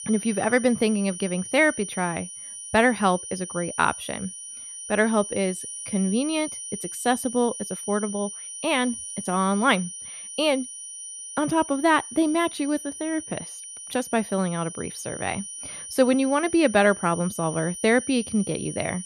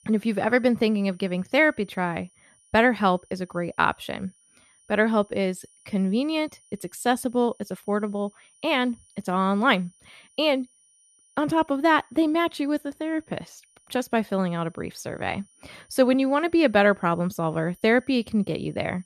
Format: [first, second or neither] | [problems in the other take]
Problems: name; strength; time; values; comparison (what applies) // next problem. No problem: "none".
second | high-pitched whine; loud; throughout; 9.5 kHz, 10 dB below the speech; faint in the second